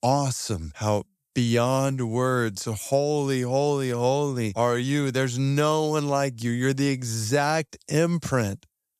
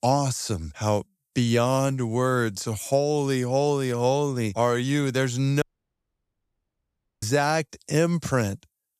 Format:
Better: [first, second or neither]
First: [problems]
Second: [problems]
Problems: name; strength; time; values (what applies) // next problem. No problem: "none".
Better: first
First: none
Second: audio cutting out; at 5.5 s for 1.5 s